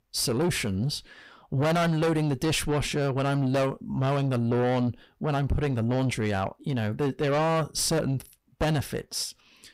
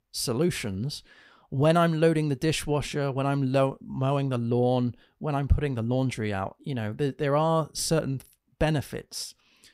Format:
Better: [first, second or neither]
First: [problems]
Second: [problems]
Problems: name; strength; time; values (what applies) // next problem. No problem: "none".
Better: second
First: distortion; heavy; 7 dB below the speech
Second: none